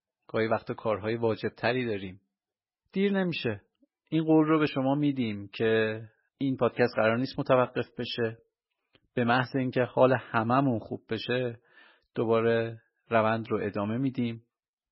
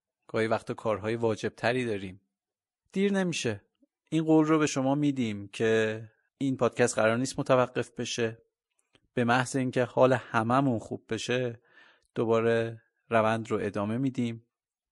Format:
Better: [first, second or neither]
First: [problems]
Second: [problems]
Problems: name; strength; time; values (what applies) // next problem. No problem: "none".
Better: second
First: garbled, watery; badly; nothing above 5.5 kHz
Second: garbled, watery; slightly; nothing above 11 kHz